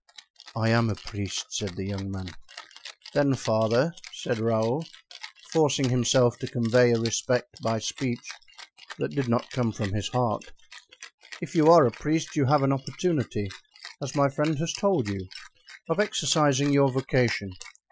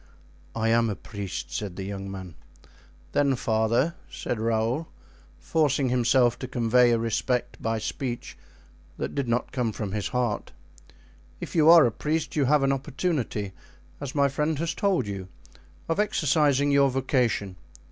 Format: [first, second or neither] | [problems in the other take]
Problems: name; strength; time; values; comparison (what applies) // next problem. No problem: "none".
second | noise reduction (classical method Wiener filter)